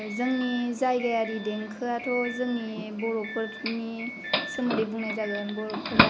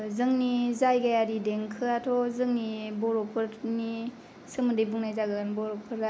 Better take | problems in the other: second | background sound (Doorbell); 2 dB below the speech

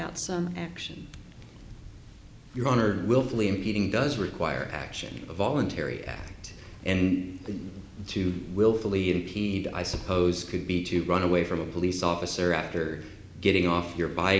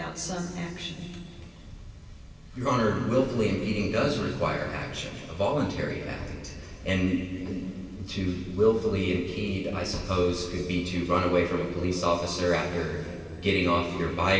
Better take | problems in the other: first | room echo; dies away in 2.6 s

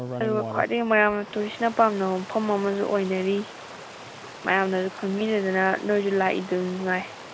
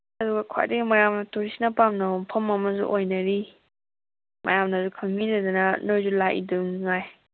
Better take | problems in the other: second | background sound (Stream); 14 dB below the speech

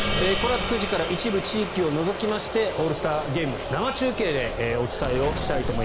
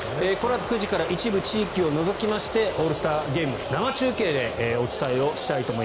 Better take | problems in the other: second | background sound (Gong + Explosion); 7 dB below the speech

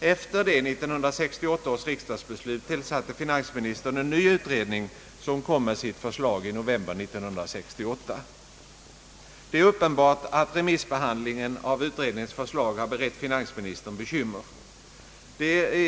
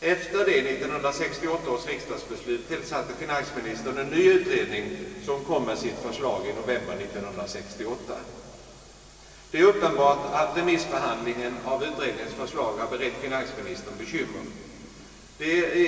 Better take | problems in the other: first | room echo; dies away in 2.5 s

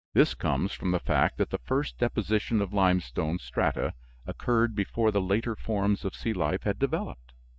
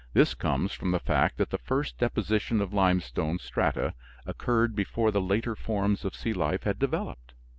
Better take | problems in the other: second | noise reduction (neural mask model DeepFilterNet 3)

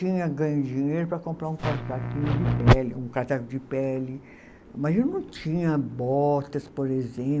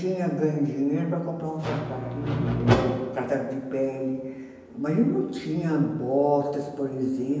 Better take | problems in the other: first | room echo; dies away in 1 s

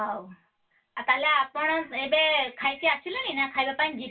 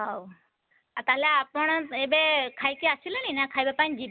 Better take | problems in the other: second | room echo; dies away in 0.2 s

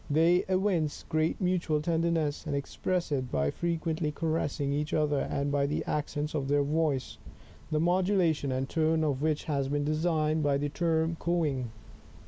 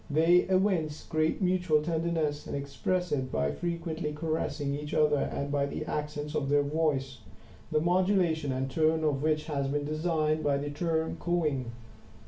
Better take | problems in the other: first | room echo; dies away in 0.3 s

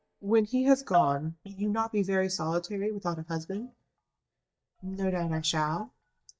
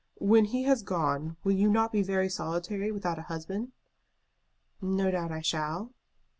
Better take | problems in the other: second | noise reduction (neural mask model DeepFilterNet 3)

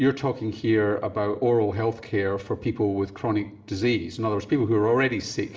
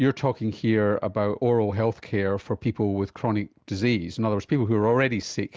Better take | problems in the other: second | room echo; dies away in 2.4 s

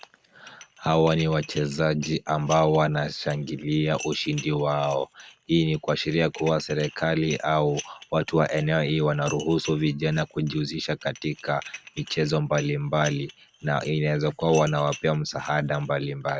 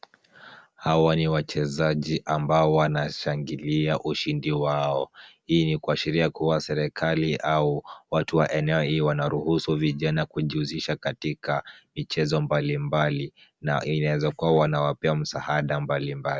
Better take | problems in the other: second | background sound (Dishes, pots, and pans); 19 dB below the speech

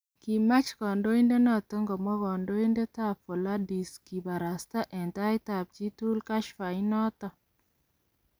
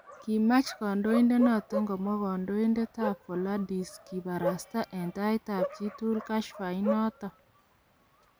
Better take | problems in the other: first | background sound (Bark); 10 dB below the speech

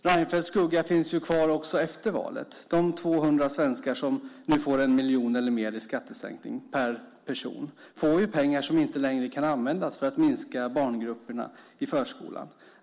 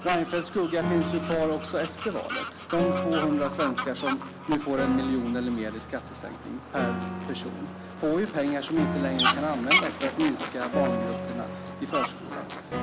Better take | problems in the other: first | background sound (Piano + Fowl); 2 dB below the speech

